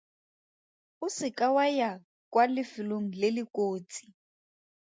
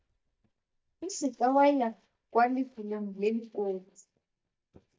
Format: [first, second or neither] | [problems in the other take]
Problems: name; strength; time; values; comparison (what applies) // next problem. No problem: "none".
first | noise reduction (neural mask model DeepFilterNet 3)